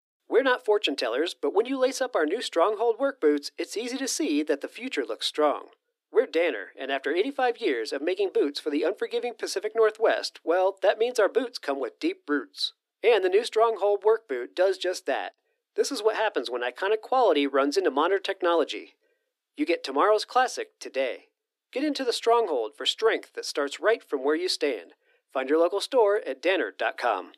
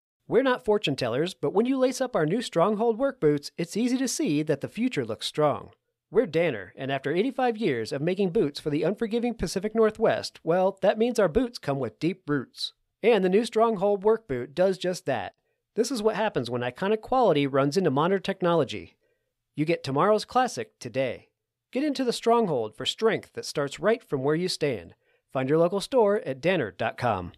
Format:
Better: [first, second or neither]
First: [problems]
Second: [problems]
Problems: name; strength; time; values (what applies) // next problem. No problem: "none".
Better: second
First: thin; very slightly; fading below 300 Hz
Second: none